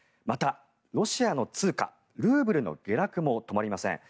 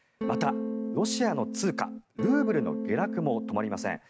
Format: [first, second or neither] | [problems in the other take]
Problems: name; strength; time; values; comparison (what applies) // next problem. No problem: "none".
first | background sound (Electric guitar / Strum); 3 dB below the speech